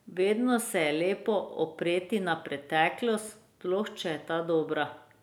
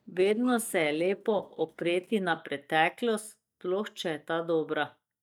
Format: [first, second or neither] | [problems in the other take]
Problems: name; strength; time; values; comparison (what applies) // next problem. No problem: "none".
first | noise reduction (neural mask model DeepFilterNet 3)